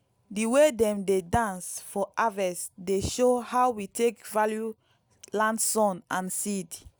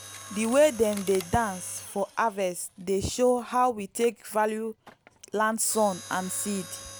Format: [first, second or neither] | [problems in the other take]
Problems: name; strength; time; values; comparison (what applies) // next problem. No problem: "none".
first | background sound (Mechanisms); 18 dB below the speech